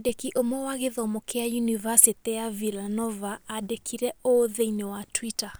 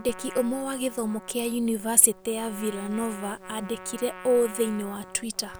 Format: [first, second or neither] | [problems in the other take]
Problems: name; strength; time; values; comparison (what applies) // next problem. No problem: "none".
first | background sound (Trumpet); 17 dB below the speech